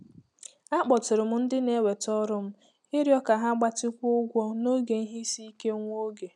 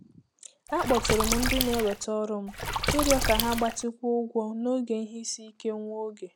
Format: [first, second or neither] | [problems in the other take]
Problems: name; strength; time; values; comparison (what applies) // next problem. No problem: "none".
first | background sound (Water / Splash, splatter); as loud as the speech